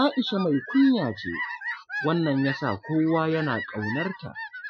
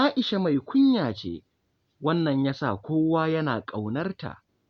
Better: second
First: noise reduction (classical method Wiener filter)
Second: none

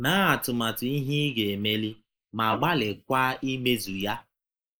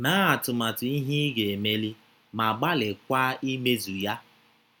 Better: second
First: noise reduction (neural mask model Resemble Enhance denoiser)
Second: none

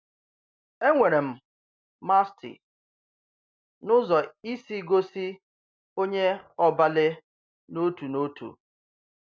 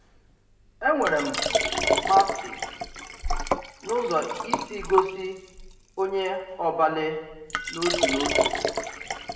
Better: first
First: none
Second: background sound (Liquid); 1 dB below the speech // room echo; dies away in 0.9 s

